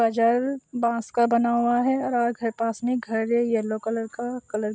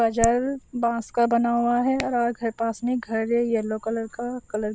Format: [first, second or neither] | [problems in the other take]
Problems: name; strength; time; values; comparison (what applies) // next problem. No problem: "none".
first | noise reduction (neural mask model Resemble Enhance denoiser)